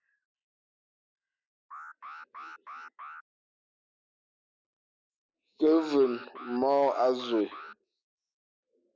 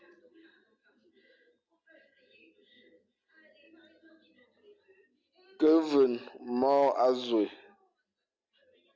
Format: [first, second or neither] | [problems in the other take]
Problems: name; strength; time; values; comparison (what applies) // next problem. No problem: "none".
second | noise reduction (neural mask model Resemble Enhance denoiser)